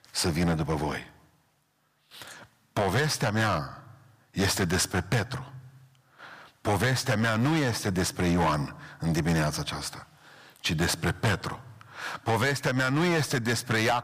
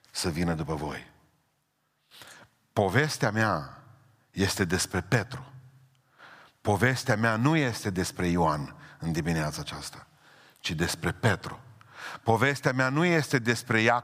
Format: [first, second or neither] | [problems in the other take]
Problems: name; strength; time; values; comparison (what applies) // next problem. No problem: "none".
second | distortion; heavy; 8% of the sound clipped